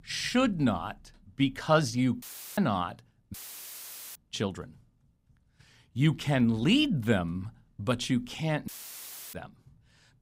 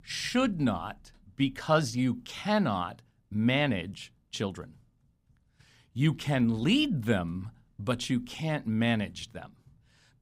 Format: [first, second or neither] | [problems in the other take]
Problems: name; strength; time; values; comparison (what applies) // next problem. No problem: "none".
second | audio cutting out; filled with static; at 2 s, at 3.5 s for 1 s and at 8.5 s for 0.5 s